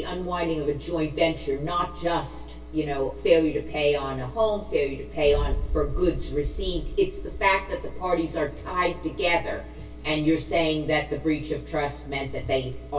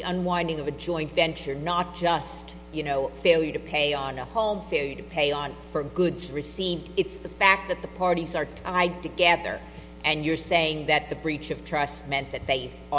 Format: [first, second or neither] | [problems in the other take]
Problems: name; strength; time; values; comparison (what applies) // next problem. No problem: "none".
second | background sound (Boom); 5 dB below the speech // room echo; dies away in 0.2 s